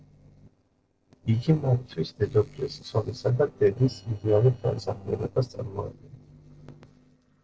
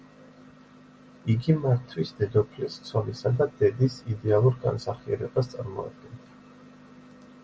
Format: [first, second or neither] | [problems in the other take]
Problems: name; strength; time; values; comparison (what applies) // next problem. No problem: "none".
second | noise reduction (neural separator model SepFormer DNS4)